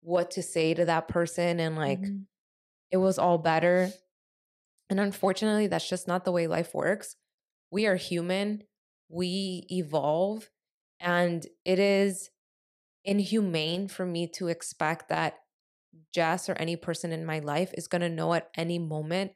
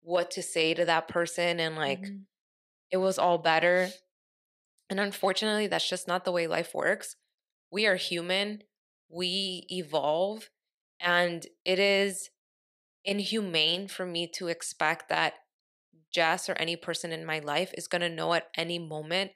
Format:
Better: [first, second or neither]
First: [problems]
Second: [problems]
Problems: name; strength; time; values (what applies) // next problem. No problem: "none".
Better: first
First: none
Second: thin; very slightly; fading below 450 Hz